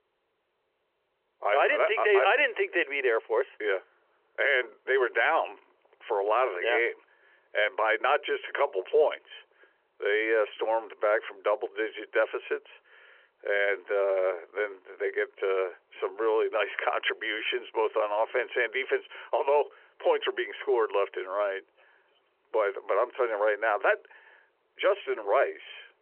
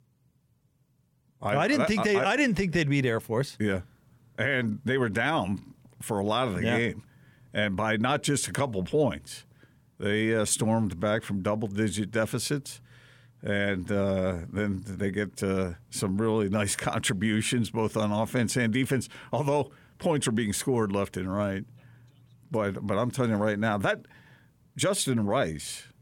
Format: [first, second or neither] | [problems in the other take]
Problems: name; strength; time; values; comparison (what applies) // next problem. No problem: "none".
second | phone-call audio; nothing above 3 kHz